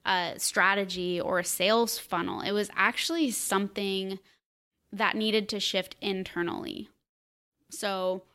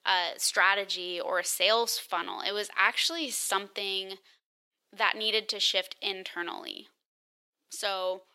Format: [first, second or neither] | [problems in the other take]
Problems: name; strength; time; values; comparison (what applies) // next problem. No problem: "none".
first | thin; very; fading below 550 Hz